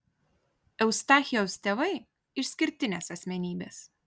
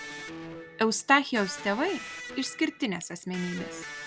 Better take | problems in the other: first | background sound (Electric guitar); 12 dB below the speech

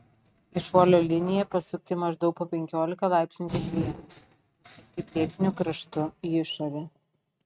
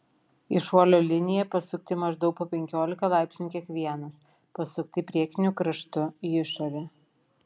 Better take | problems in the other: second | noise reduction (neural mask model RNNoise)

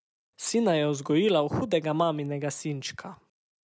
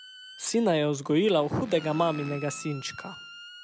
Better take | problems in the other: first | background sound (Motorcycle + Squeak); 17 dB below the speech

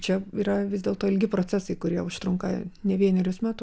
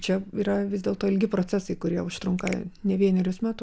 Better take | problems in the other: first | background sound (Finger snapping); 19 dB below the speech

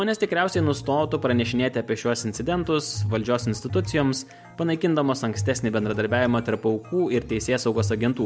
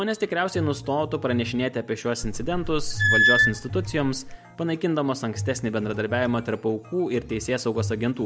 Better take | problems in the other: first | background sound (Squeak / Screech); 2 dB above the speech

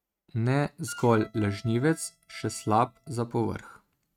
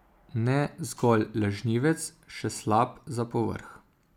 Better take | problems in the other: second | noise reduction (neural mask model RNNoise)

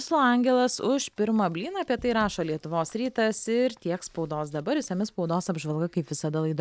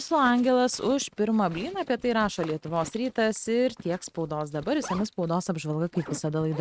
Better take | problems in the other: first | noise reduction (neural mask model RNNoise)

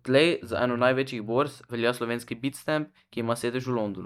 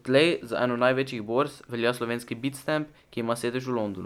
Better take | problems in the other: second | noise reduction (neural mask model DeepFilterNet 3)

